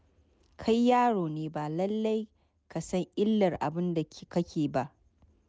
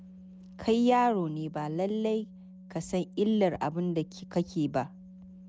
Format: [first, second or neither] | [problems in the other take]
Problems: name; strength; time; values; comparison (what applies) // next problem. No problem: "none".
first | background sound (Organ); 19 dB below the speech